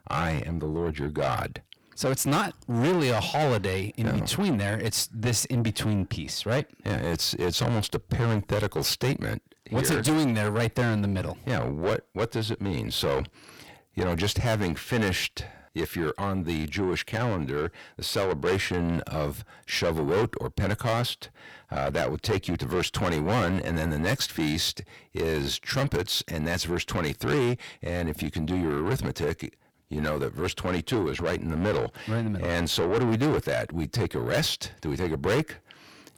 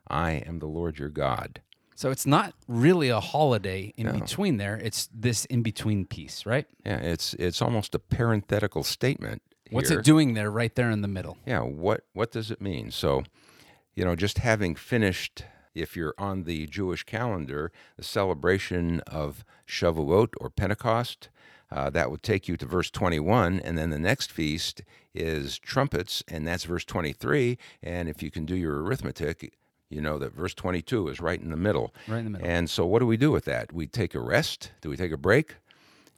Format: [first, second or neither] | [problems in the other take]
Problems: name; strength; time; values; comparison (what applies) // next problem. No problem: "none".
second | distortion; heavy; 5 dB below the speech